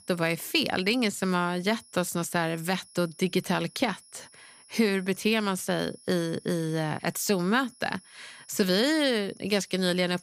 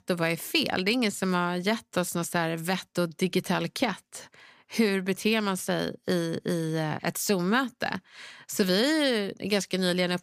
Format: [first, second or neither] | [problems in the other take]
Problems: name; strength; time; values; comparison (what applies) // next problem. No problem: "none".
second | high-pitched whine; faint; throughout; 10.5 kHz, 25 dB below the speech